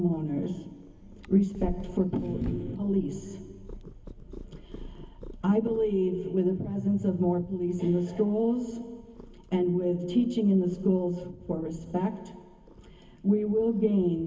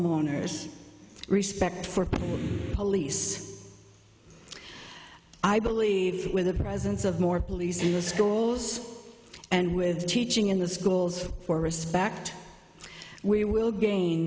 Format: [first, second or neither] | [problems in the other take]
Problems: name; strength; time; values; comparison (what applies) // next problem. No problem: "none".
second | background sound (Purr); 16 dB below the speech // room echo; dies away in 0.3 s